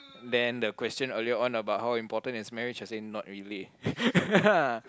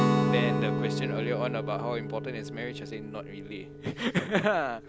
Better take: first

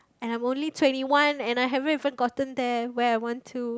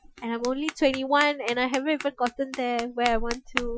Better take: first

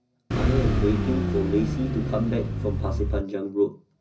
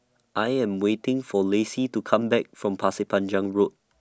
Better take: second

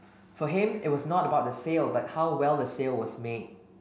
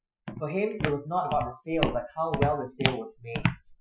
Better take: first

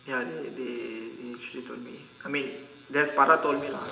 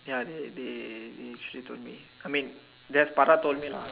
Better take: second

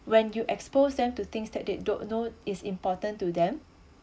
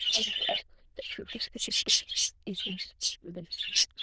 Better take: first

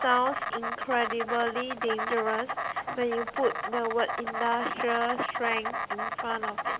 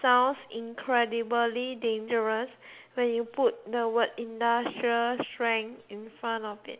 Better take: second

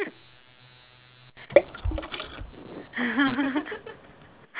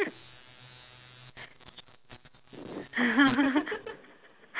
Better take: second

